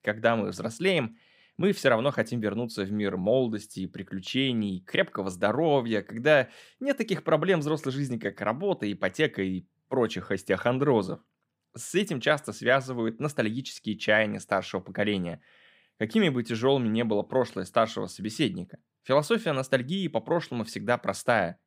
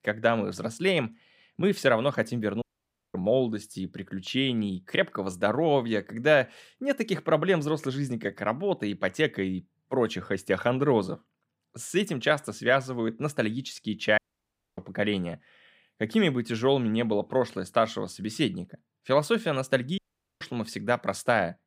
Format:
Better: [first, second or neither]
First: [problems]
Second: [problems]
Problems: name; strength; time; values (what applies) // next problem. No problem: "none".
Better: first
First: none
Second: audio cutting out; at 2.5 s for 0.5 s, at 14 s for 0.5 s and at 20 s